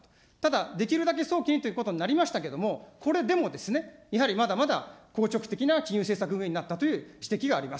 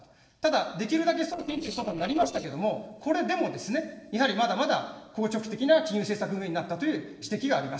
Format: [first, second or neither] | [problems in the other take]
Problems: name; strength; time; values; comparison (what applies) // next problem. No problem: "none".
first | noise reduction (neural separator model SepFormer DNS4)